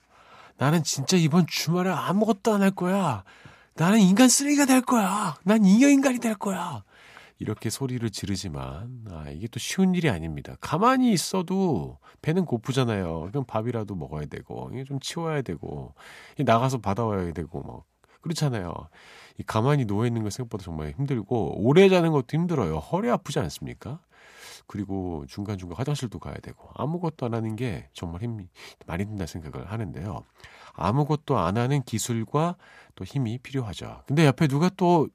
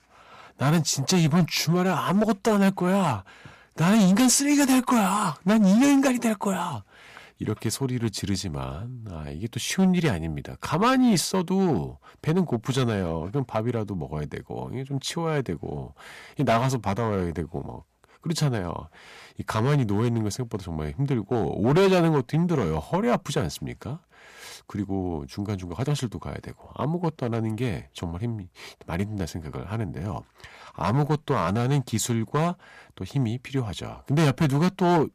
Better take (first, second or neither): first